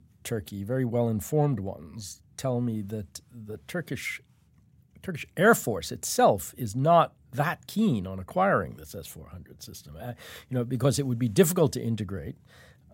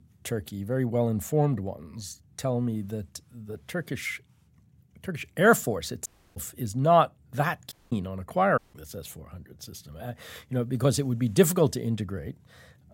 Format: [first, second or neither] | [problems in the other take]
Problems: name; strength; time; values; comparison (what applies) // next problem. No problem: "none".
first | audio cutting out; at 6 s, at 7.5 s and at 8.5 s